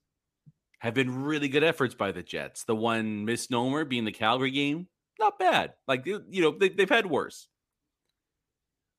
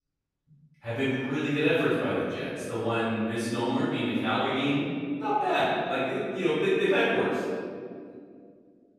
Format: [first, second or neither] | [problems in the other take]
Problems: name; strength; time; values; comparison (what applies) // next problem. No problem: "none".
first | off-mic speech; far // room echo; strong; dies away in 2.2 s